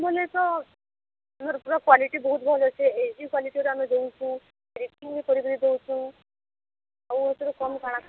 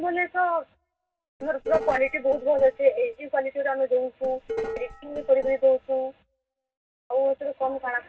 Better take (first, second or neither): first